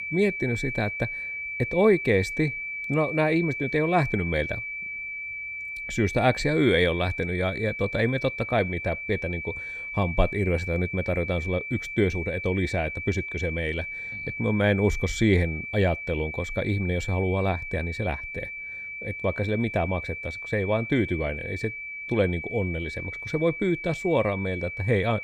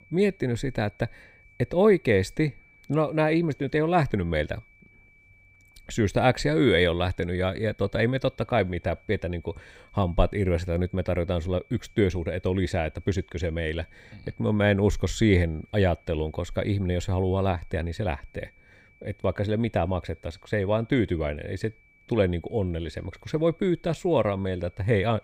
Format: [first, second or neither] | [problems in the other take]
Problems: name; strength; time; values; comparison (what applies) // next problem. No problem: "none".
second | high-pitched whine; loud; throughout; 2.5 kHz, 6 dB below the speech; faint in the second